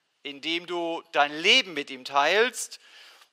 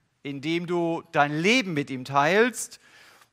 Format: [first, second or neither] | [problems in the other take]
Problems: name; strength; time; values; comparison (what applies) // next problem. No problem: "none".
second | thin; somewhat; fading below 450 Hz